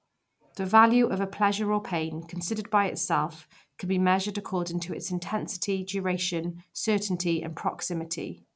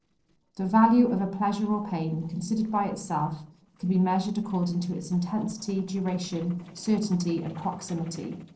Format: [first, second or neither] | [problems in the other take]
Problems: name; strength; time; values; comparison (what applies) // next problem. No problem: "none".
first | noise reduction (neural separator model SepFormer DNS4)